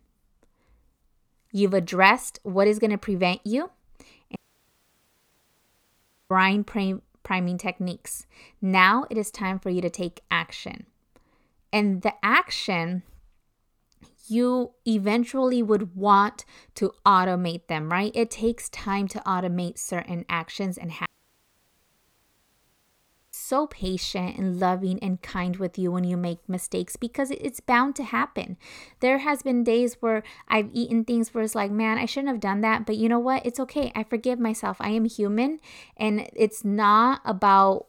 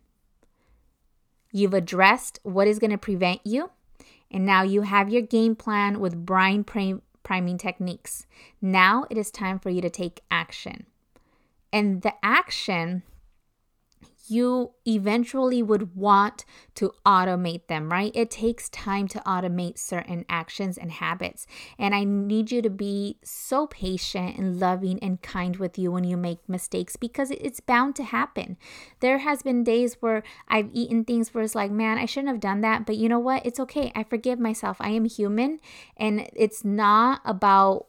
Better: second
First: audio cutting out; at 4.5 s for 2 s and at 21 s for 2.5 s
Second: none

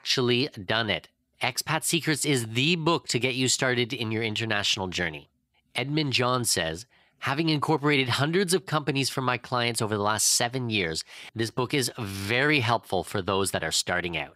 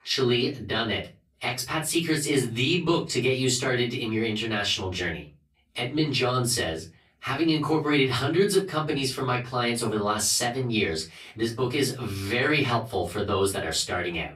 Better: first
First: none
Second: off-mic speech; far // room echo; very slight; dies away in 0.3 s

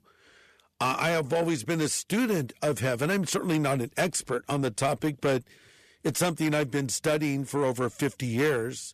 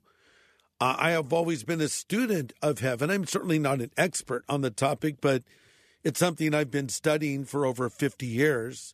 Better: second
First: distortion; slight; 10 dB below the speech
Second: none

